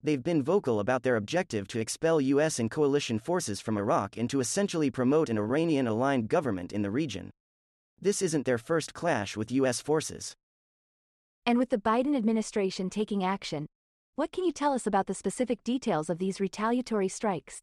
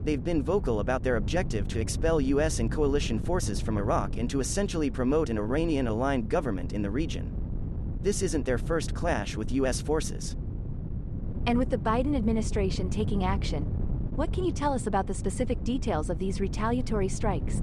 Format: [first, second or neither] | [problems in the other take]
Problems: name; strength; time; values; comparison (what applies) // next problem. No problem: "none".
first | wind noise on the microphone; occasional gusts; 15 dB below the speech